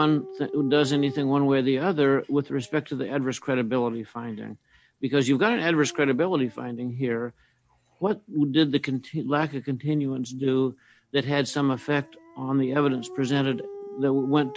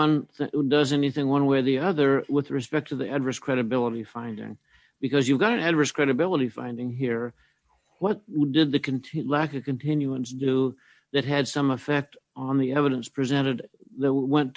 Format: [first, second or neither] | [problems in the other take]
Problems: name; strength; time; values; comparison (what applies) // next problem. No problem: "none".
second | background sound (Dog); 20 dB below the speech